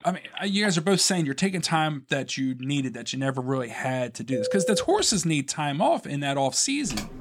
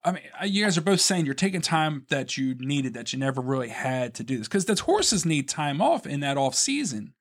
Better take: second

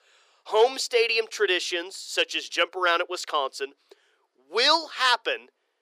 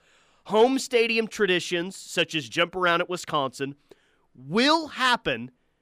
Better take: second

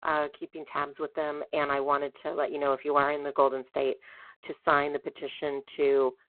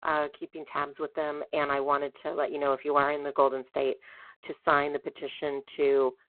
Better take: neither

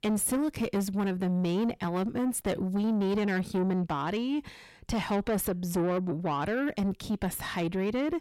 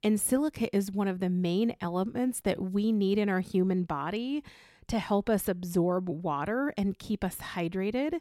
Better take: second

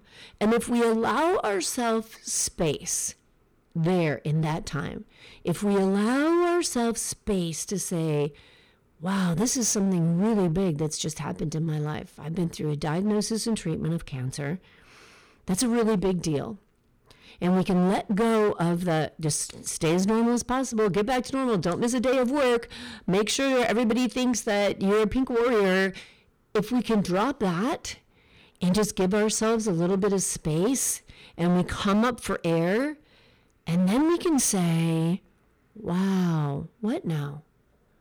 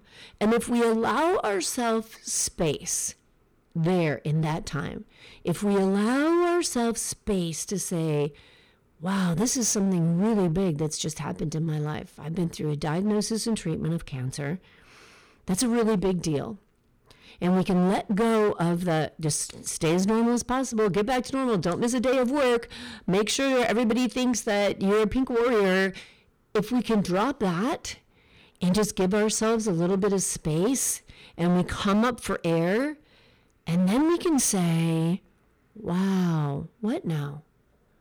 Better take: neither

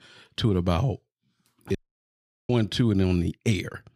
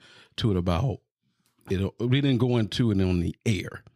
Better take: second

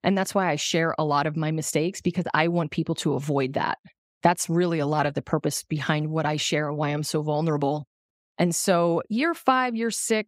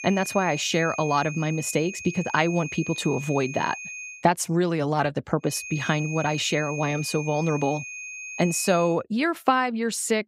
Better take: first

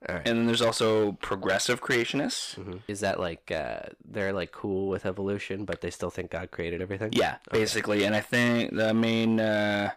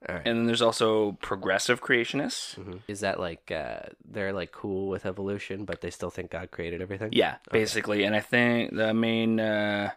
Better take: second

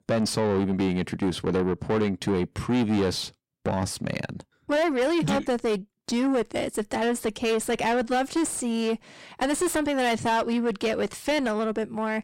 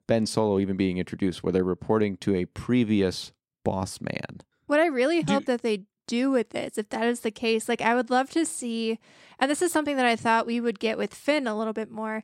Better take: second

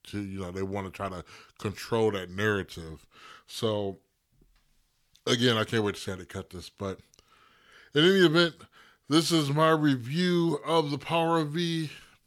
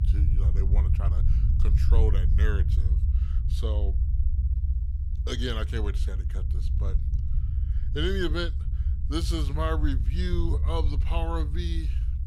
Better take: first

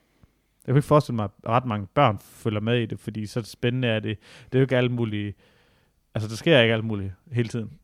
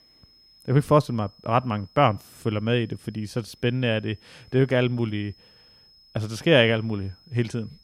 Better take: first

